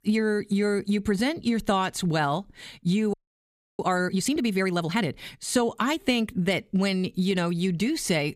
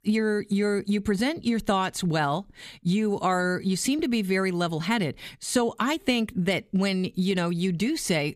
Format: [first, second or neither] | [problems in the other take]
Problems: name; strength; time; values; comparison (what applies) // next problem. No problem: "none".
second | audio freezing; at 3 s for 0.5 s